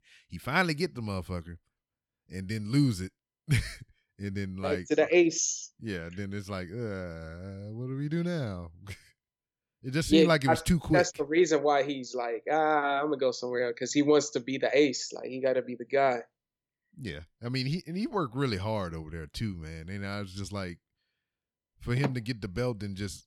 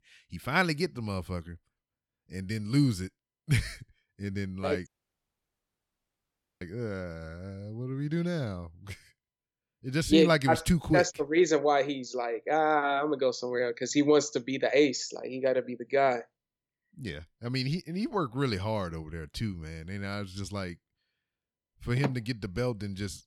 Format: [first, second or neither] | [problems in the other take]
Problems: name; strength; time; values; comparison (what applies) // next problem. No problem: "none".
first | audio cutting out; at 5 s for 1.5 s